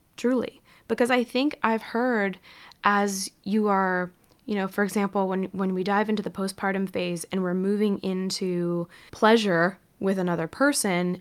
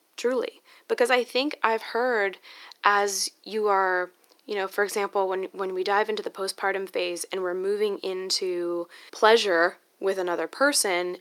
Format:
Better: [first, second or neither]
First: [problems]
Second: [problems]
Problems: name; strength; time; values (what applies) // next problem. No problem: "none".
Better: first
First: none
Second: thin; somewhat; fading below 350 Hz